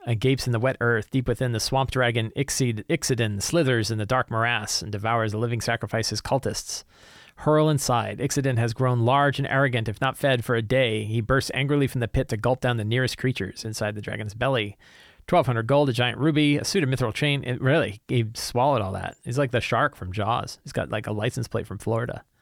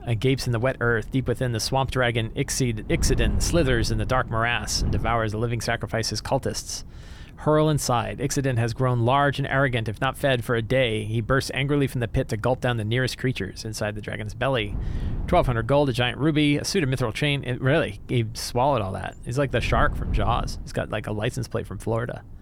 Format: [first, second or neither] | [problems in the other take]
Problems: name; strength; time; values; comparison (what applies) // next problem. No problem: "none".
first | wind noise on the microphone; occasional gusts; 25 dB below the speech